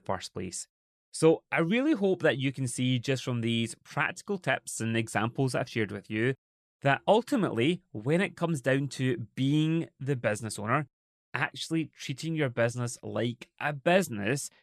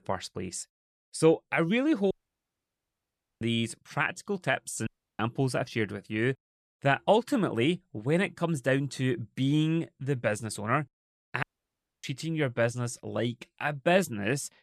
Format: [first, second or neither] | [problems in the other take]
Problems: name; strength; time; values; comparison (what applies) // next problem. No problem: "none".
first | audio cutting out; at 2 s for 1.5 s, at 5 s and at 11 s for 0.5 s